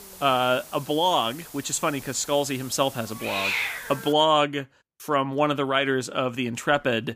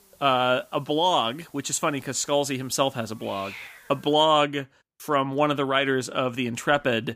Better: second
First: hiss; loud; until 4 s; 9 dB below the speech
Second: hiss; faint; until 4 s; 20 dB below the speech

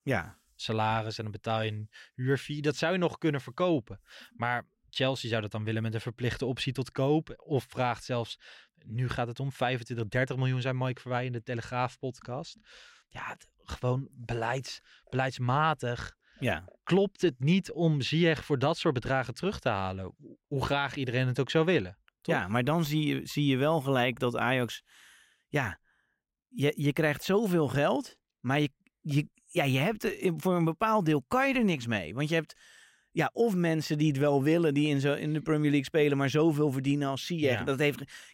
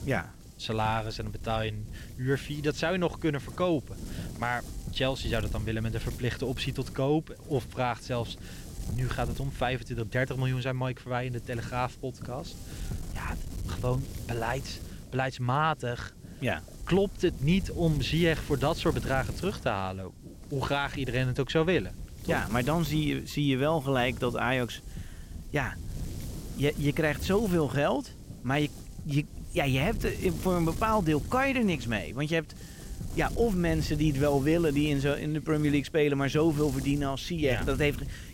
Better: first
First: none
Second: wind noise on the microphone; occasional gusts; 20 dB below the speech

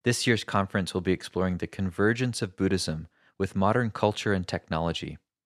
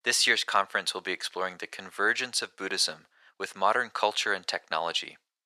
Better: first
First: none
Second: thin; very; fading below 800 Hz

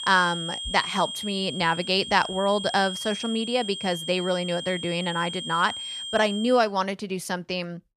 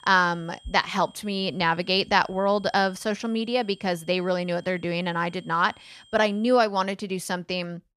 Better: second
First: high-pitched whine; loud; until 6.5 s; 3 kHz, 7 dB below the speech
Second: high-pitched whine; faint; until 6.5 s; 3 kHz, 30 dB below the speech

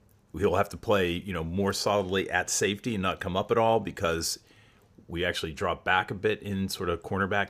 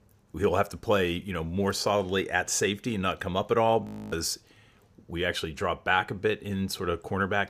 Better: first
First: none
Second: audio freezing; at 4 s

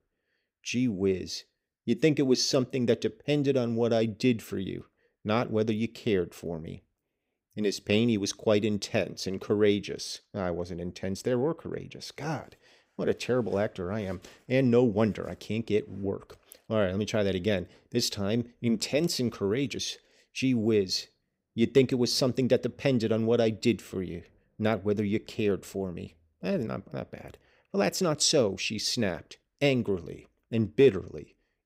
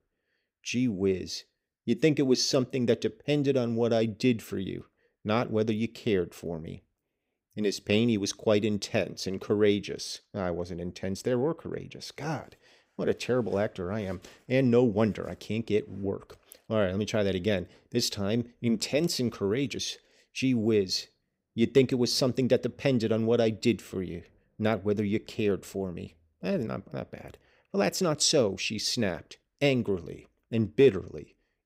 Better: neither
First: none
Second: none

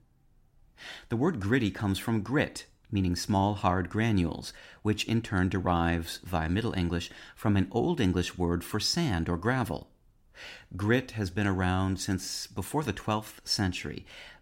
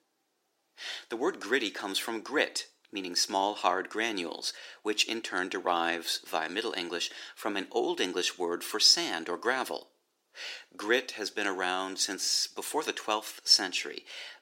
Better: first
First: none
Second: thin; very; fading below 350 Hz

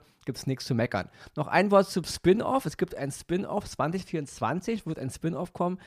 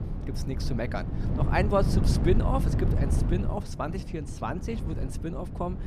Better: first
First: none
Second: wind noise on the microphone; heavy; 7 dB below the speech

